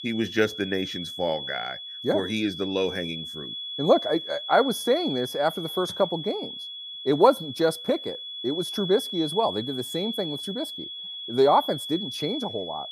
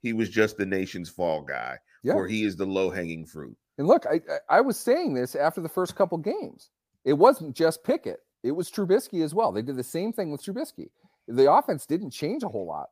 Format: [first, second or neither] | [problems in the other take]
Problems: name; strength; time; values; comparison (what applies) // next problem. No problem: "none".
second | high-pitched whine; loud; throughout; 3.5 kHz, 7 dB below the speech